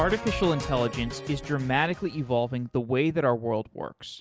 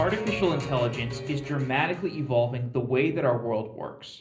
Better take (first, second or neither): first